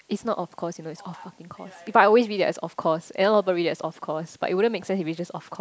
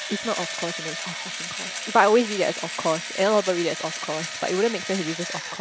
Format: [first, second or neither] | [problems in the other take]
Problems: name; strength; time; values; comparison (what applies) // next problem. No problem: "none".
first | background sound (Engine / Drill); 7 dB below the speech